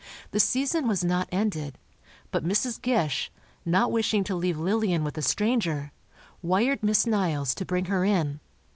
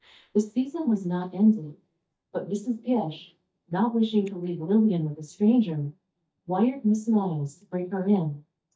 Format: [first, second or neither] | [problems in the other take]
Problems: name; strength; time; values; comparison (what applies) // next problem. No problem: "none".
first | noise reduction (neural mask model DeepFilterNet 3)